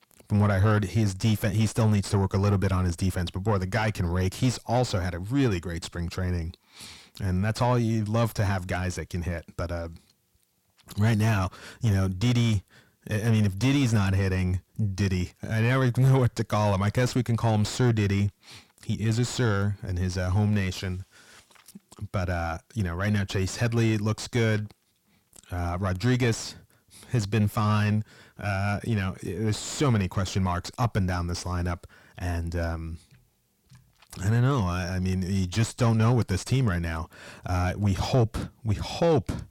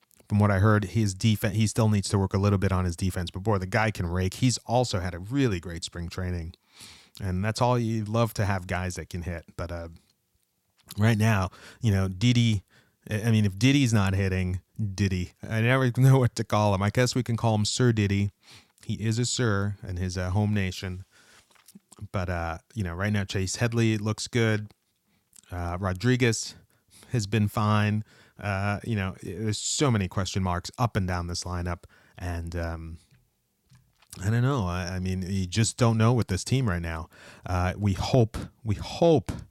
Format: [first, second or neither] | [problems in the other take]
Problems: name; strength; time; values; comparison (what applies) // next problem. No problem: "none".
second | distortion; slight; 10 dB below the speech